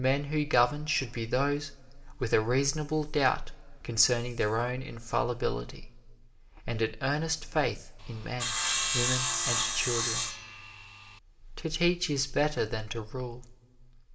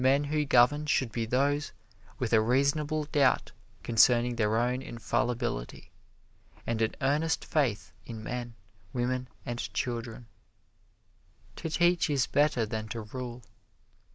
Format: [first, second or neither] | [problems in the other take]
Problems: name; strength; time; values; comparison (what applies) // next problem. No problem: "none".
second | background sound (Sawing); 1 dB below the speech // room echo; dies away in 0.8 s